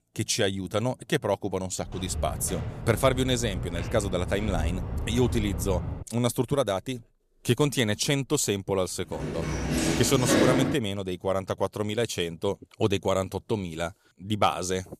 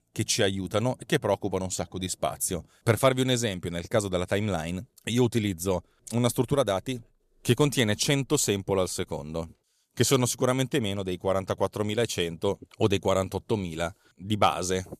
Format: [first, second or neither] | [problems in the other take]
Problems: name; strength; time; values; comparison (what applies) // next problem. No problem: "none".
second | footsteps; noticeable; from 2 to 6 s; peak 4 dB below the speech // door banging; loud; from 9 to 11 s; peak 6 dB above the speech